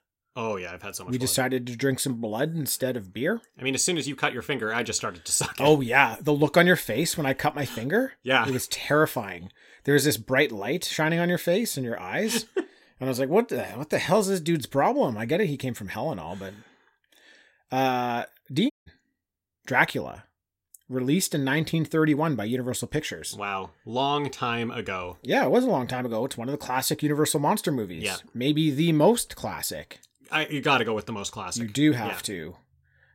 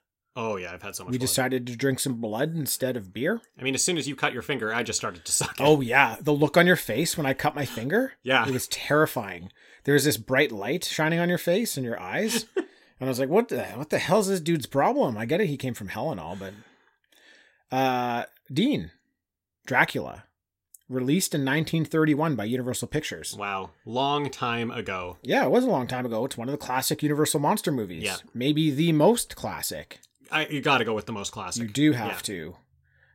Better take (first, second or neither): second